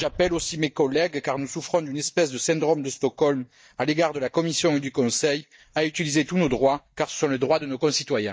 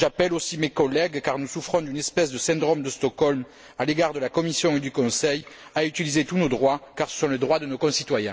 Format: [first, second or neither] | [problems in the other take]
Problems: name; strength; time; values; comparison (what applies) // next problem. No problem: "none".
second | noise reduction (neural mask model DeepFilterNet 3)